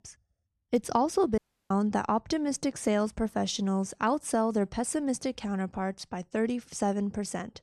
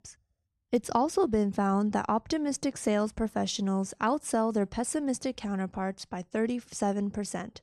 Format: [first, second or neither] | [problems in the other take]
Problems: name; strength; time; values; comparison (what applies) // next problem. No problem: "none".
second | audio cutting out; at 1.5 s